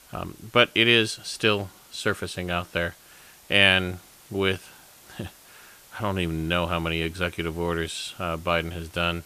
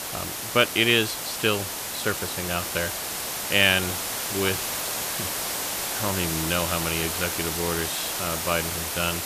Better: first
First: hiss; faint; throughout; 25 dB below the speech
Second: hiss; loud; throughout; 2 dB below the speech

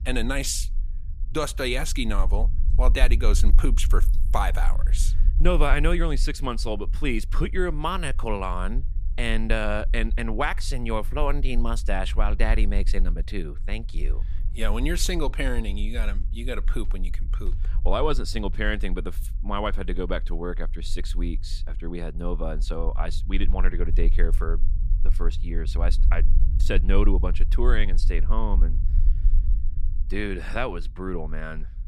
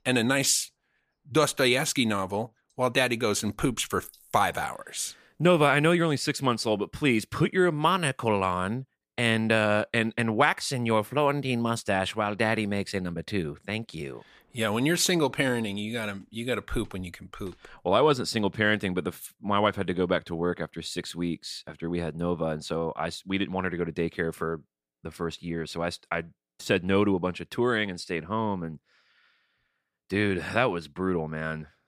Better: second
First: low rumble; faint; throughout; 20 dB below the speech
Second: none

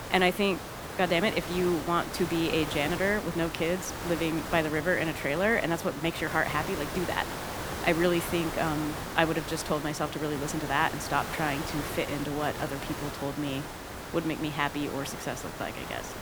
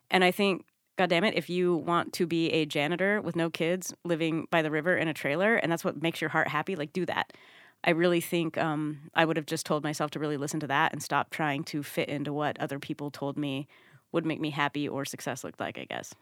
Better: second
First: hiss; loud; throughout; 7 dB below the speech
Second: none

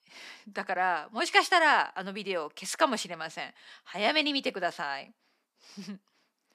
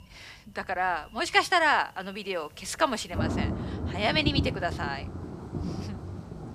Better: first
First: none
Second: rain or running water; loud; throughout; 6 dB below the speech

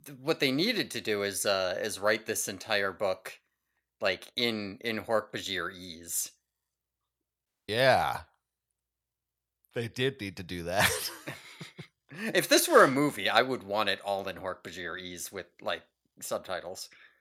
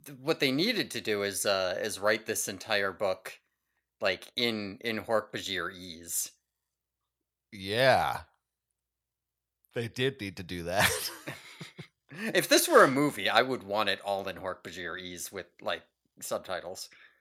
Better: second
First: audio cutting out; at 7.5 s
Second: none

